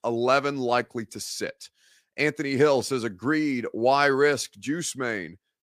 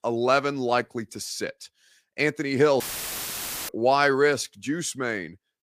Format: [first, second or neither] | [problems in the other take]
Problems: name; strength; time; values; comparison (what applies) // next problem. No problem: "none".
first | audio cutting out; filled with static; at 3 s for 1 s